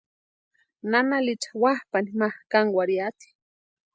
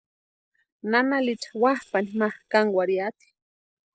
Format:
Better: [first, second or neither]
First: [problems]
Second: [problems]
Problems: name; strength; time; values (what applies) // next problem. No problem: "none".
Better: first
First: none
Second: noise reduction (neural separator model SepFormer DNS4)